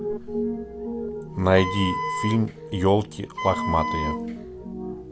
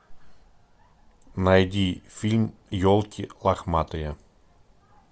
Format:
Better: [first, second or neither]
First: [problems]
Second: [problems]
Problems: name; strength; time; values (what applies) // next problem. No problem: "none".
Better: second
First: background sound (Wind instrument, woodwind instrument + Piano); 4 dB below the speech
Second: none